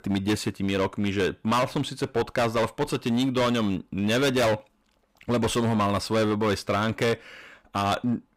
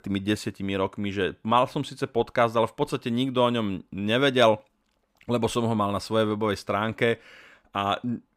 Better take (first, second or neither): second